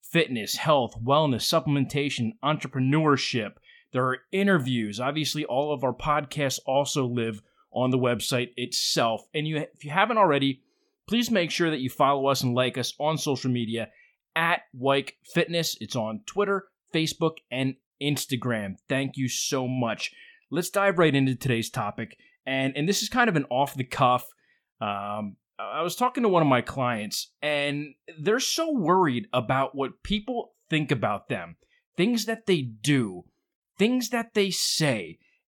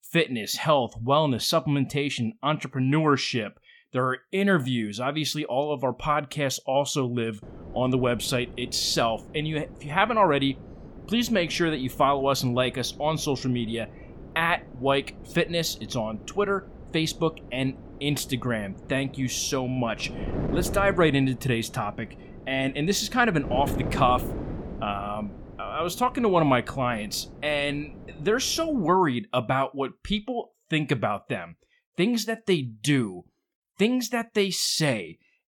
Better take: first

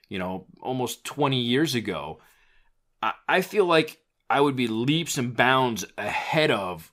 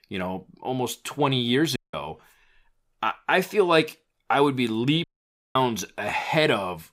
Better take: first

